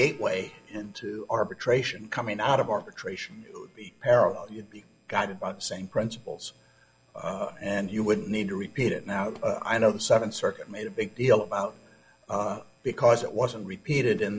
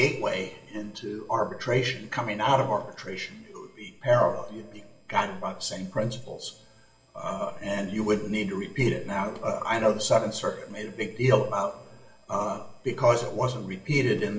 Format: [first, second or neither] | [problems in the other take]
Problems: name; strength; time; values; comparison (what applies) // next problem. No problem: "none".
first | room echo; dies away in 1.4 s